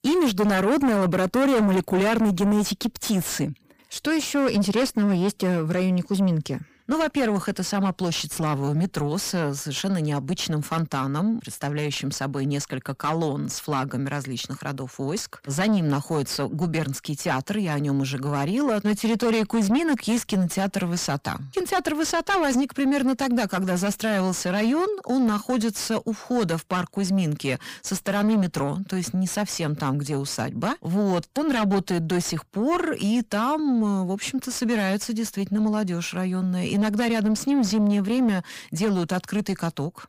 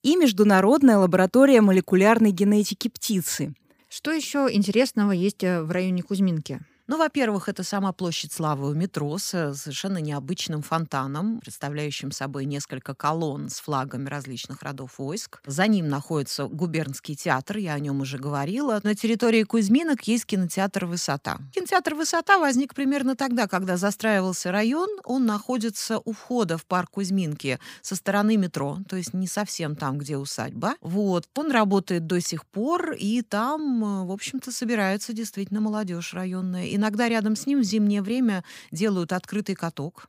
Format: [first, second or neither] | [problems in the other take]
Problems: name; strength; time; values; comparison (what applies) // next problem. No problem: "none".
second | distortion; heavy; 7 dB below the speech